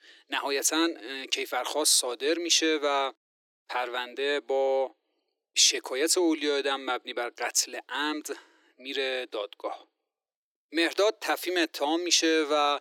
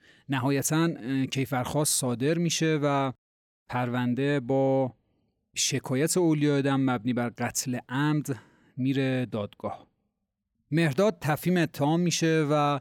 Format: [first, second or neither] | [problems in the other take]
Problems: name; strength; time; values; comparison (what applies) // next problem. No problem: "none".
second | thin; very; fading below 300 Hz